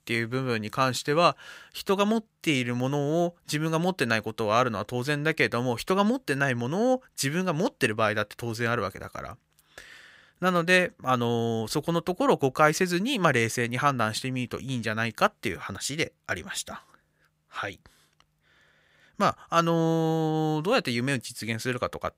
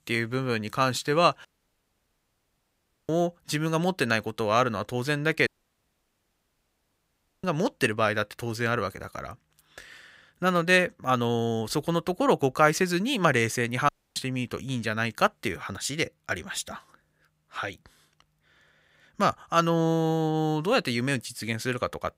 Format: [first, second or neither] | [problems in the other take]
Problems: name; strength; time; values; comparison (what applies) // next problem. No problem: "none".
first | audio cutting out; at 1.5 s for 1.5 s, at 5.5 s for 2 s and at 14 s